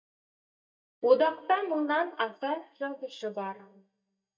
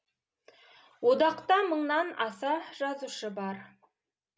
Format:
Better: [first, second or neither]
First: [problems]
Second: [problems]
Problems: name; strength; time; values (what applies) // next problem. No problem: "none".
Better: second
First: noise reduction (neural mask model DeepFilterNet 3)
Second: none